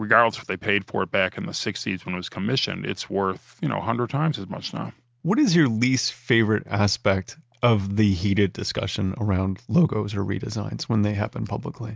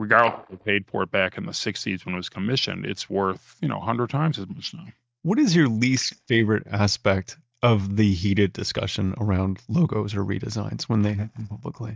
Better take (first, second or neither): first